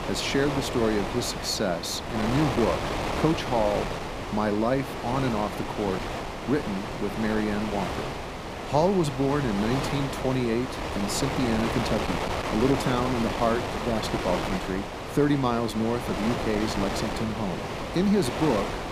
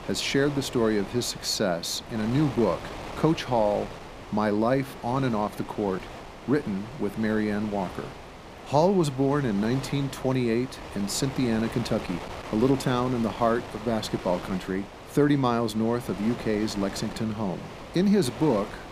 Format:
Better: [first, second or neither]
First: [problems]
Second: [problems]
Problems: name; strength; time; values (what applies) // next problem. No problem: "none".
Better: second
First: wind noise on the microphone; heavy; 2 dB below the speech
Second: wind noise on the microphone; occasional gusts; 10 dB below the speech